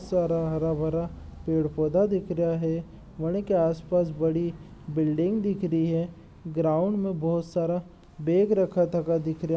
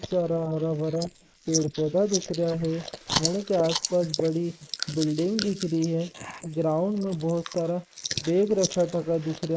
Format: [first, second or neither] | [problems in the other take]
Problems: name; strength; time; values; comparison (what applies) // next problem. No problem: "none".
first | noise reduction (neural mask model Resemble Enhance denoiser)